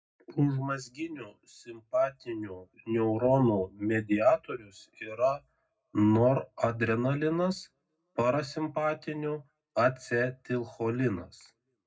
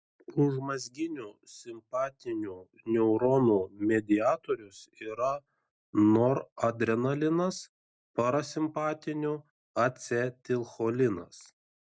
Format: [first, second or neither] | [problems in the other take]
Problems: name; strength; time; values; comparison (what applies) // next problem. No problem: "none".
second | room echo; dies away in 0.3 s